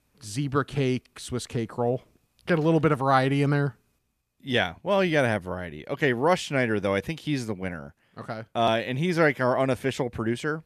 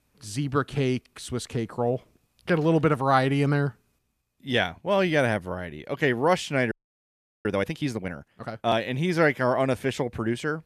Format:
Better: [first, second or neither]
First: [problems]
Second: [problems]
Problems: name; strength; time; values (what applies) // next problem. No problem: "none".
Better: first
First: none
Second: audio freezing; at 6.5 s for 0.5 s